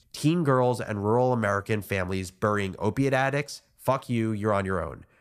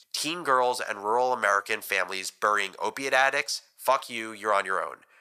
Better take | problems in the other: first | thin; very; fading below 800 Hz

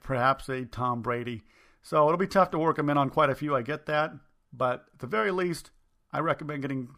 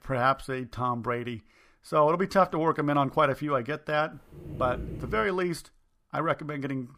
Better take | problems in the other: first | dog barking; noticeable; at 4.5 s; peak 10 dB below the speech

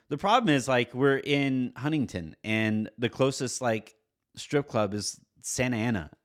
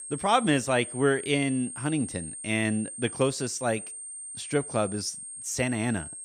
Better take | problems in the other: first | high-pitched whine; loud; throughout; 8.5 kHz, 9 dB below the speech

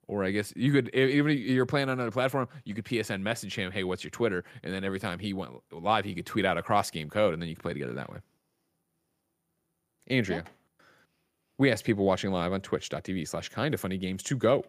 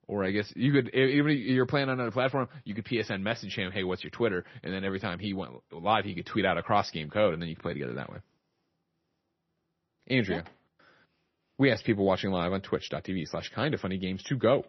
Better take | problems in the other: first | garbled, watery; slightly; nothing above 6 kHz

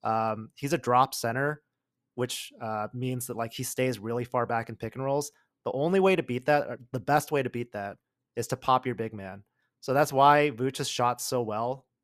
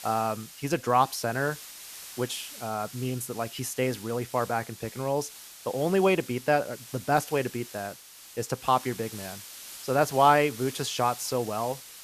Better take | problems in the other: first | hiss; noticeable; throughout; 15 dB below the speech

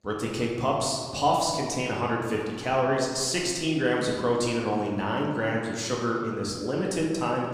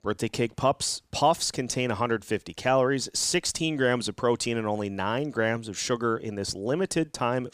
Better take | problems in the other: second | room echo; noticeable; dies away in 1.4 s // off-mic speech; far

